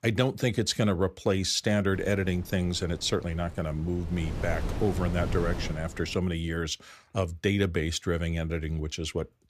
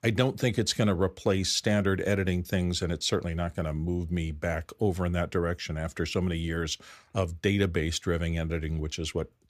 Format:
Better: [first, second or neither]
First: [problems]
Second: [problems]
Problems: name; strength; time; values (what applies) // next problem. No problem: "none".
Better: second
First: wind noise on the microphone; occasional gusts; from 2 to 6 s; 15 dB below the speech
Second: none